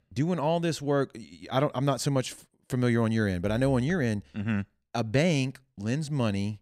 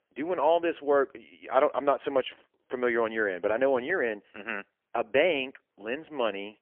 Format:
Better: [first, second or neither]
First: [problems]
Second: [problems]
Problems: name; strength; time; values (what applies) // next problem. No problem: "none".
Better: first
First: none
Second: phone-call audio; poor line; nothing above 3 kHz